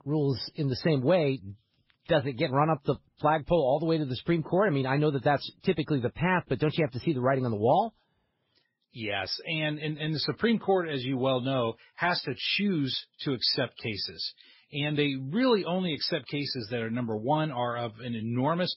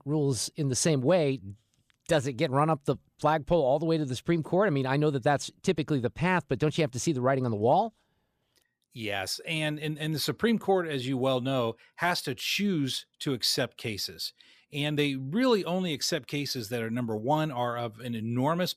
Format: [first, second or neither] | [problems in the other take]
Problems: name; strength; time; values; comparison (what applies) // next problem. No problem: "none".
second | garbled, watery; badly; nothing above 5.5 kHz